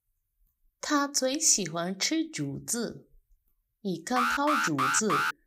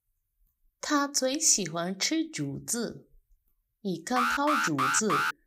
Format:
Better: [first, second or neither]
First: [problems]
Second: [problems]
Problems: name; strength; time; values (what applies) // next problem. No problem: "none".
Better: neither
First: alarm; loud; from 4 s on; peak 2 dB above the speech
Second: alarm; loud; from 4 s on; peak 2 dB above the speech